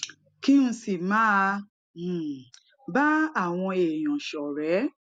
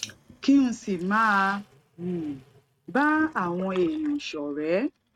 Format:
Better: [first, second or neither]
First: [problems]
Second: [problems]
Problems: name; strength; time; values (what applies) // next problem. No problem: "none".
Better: first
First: none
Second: noise reduction (neural mask model RNNoise)